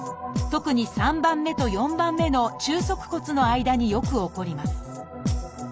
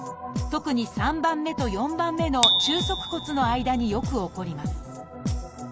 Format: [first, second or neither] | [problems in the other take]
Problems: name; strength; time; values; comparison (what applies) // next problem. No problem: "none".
first | background sound (Bicycle bell); 3 dB below the speech